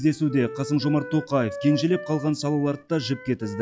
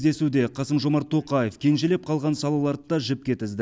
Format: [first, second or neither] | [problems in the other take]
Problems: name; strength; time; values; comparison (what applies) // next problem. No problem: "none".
second | noise reduction (classical method log-MMSE)